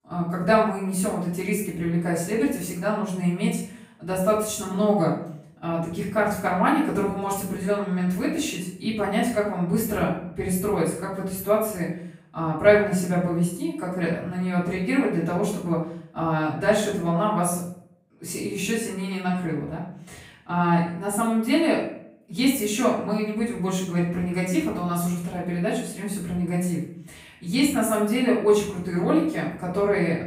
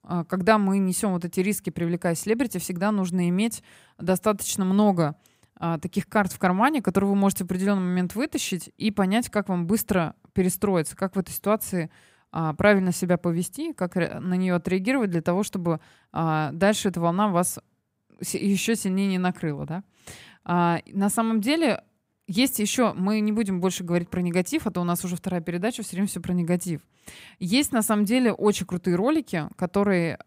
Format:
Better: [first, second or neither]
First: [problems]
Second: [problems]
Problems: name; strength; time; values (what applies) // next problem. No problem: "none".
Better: second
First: off-mic speech; far // room echo; noticeable; dies away in 0.5 s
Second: none